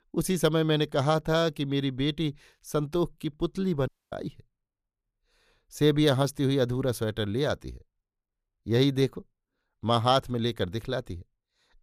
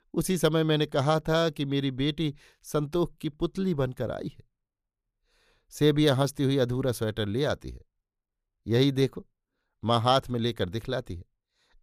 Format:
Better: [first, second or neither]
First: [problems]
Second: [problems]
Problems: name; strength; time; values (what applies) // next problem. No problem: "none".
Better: second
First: audio cutting out; at 4 s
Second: none